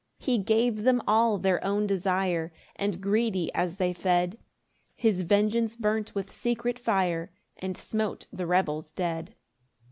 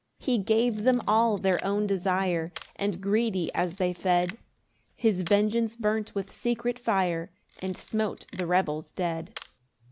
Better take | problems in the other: first | background sound (Organ + Camera); 19 dB below the speech

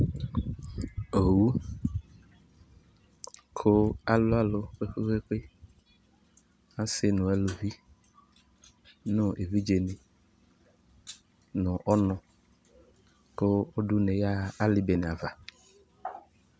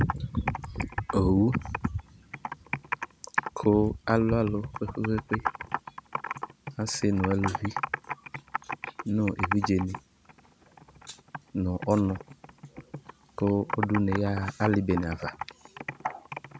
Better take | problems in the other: first | background sound (Computer keyboard); 8 dB below the speech

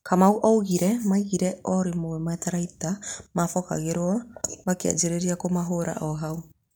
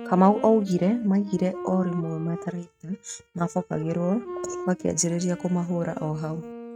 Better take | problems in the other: first | noise reduction (neural mask model RNNoise)

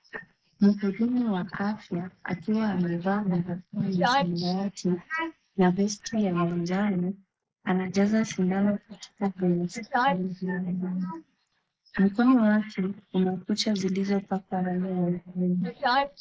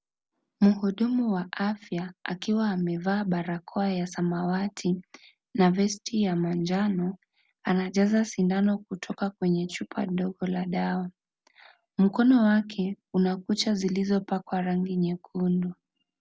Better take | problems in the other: second | noise reduction (neural mask model Resemble Enhance denoiser)

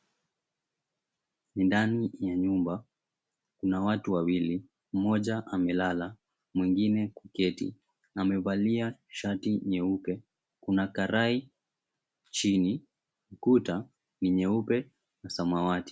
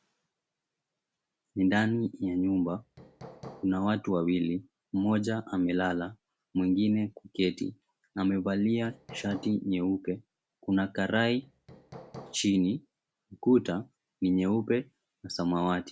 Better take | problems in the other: first | background sound (Hammer); 18 dB below the speech

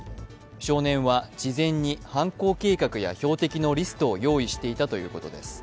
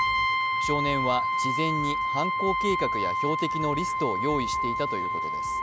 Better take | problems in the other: first | background sound (Brass instrument); 4 dB above the speech

